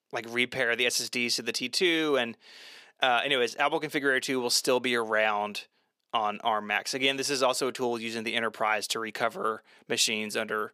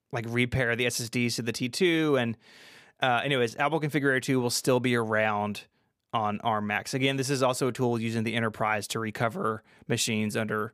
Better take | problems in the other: second | thin; somewhat; fading below 350 Hz

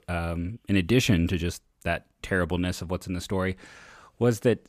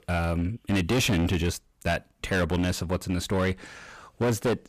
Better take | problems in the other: first | distortion; heavy; 14% of the sound clipped

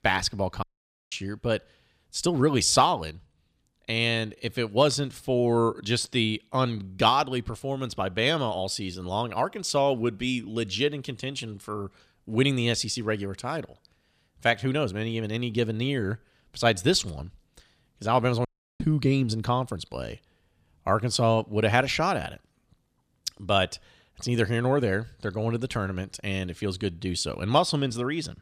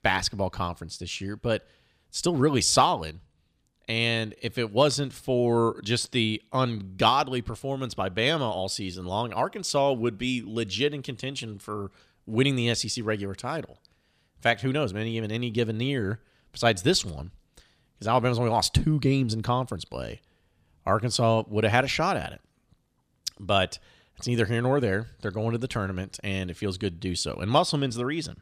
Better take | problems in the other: second | audio cutting out; at 0.5 s and at 18 s

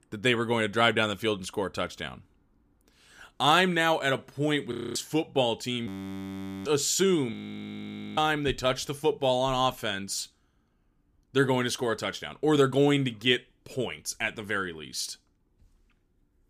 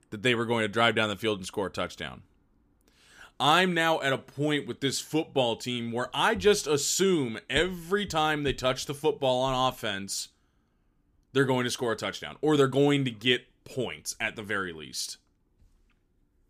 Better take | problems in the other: second | audio freezing; at 4.5 s, at 6 s for 1 s and at 7.5 s for 1 s

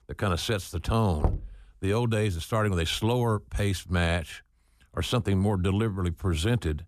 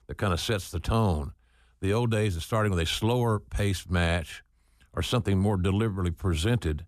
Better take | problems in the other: second | door banging; noticeable; at 1 s; peak 4 dB below the speech

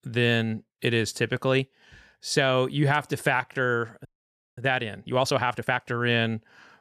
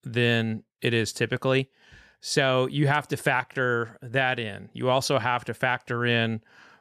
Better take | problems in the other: second | audio freezing; at 4 s for 0.5 s

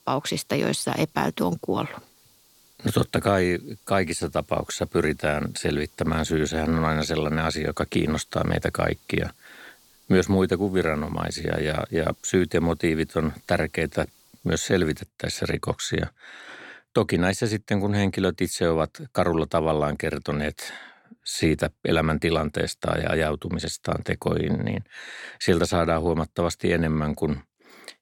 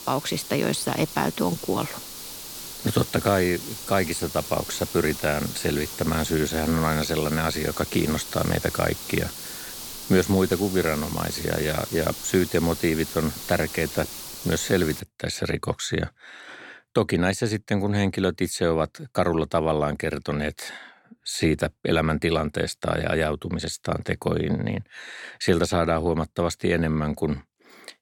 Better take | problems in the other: first | hiss; loud; until 15 s; 9 dB below the speech; faint in the first

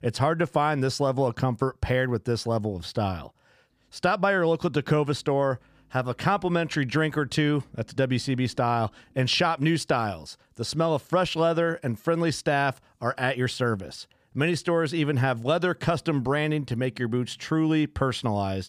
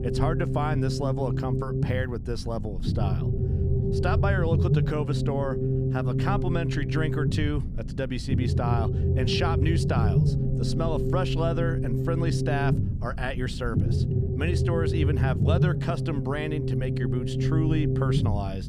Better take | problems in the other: first | low rumble; loud; throughout; 3 dB below the speech

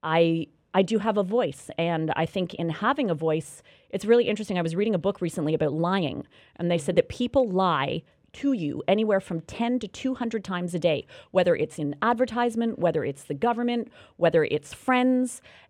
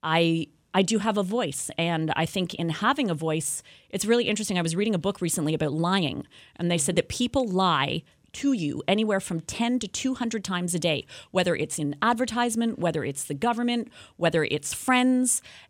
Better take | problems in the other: second | muffled; slightly; fading above 4 kHz

